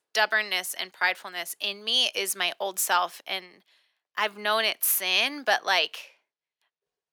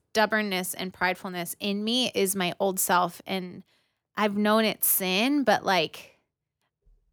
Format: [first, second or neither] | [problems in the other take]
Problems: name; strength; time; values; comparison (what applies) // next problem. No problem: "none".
second | thin; very; fading below 600 Hz